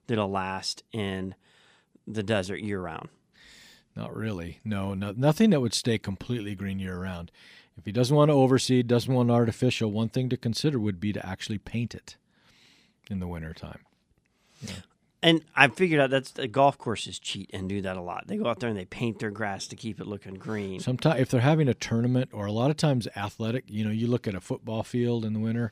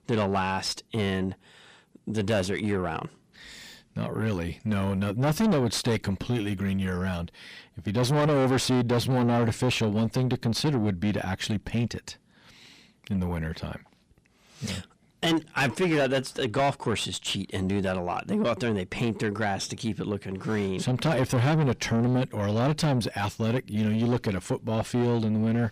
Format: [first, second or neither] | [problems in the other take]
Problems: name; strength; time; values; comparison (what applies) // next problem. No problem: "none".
first | distortion; heavy; 5 dB below the speech